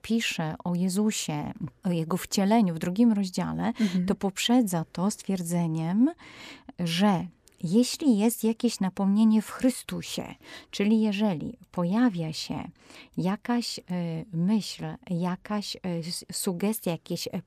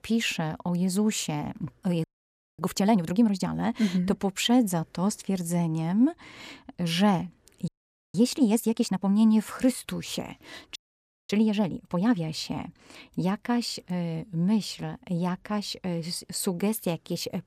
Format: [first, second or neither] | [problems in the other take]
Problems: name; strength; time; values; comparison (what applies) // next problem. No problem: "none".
first | audio freezing; at 2 s for 0.5 s, at 7.5 s and at 11 s for 0.5 s